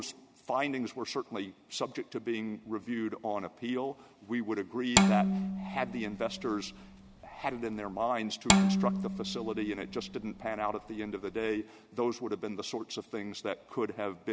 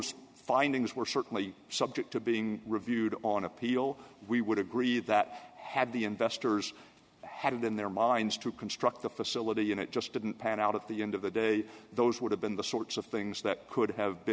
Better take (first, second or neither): second